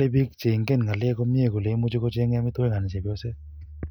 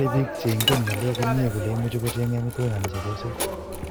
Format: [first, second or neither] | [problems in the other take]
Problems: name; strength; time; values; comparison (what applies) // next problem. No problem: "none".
first | background sound (Telephone + Liquid); 5 dB below the speech